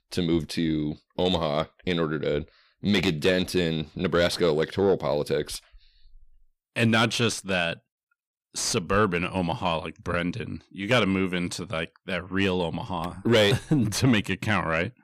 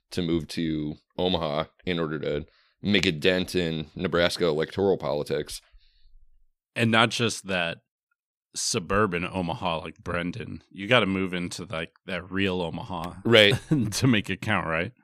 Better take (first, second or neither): second